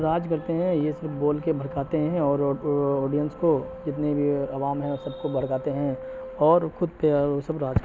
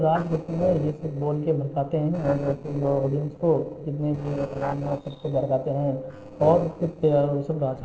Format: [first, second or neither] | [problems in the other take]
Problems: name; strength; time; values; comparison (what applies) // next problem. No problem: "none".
first | noise reduction (neural separator model SepFormer DNS4)